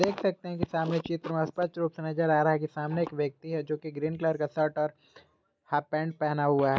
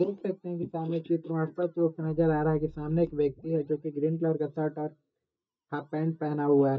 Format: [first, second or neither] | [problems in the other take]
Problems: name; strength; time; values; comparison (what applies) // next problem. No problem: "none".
first | noise reduction (neural mask model DeepFilterNet 3)